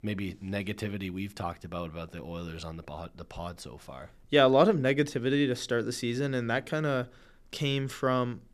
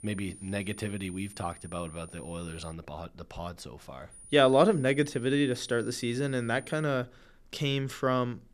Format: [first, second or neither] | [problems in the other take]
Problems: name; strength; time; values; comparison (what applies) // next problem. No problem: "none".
first | high-pitched whine; noticeable; until 2.5 s and from 4 to 7 s; 9.5 kHz, 20 dB below the speech